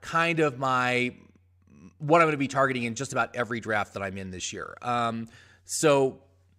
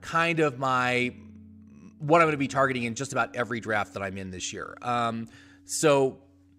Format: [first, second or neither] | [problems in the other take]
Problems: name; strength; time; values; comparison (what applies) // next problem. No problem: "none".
first | background music; faint; throughout; 25 dB below the speech